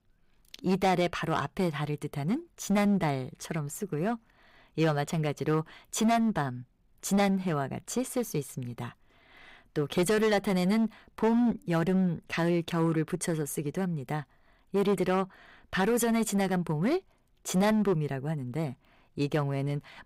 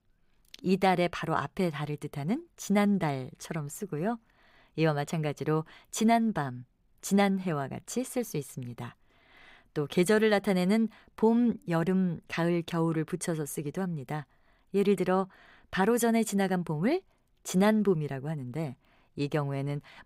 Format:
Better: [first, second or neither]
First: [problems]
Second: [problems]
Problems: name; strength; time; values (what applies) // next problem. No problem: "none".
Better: second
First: distortion; slight; 7% of the sound clipped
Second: none